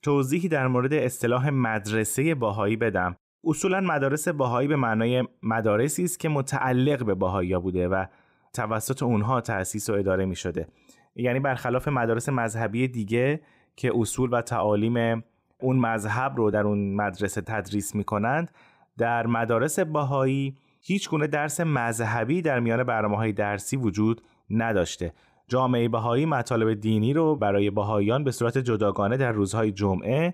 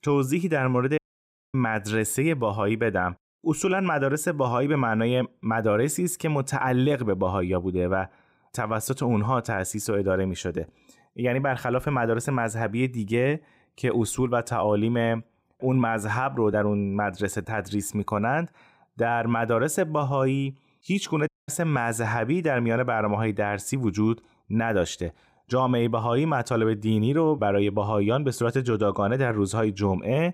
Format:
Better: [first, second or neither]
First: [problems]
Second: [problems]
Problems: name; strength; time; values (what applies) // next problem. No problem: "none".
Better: first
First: none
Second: audio cutting out; at 1 s for 0.5 s and at 21 s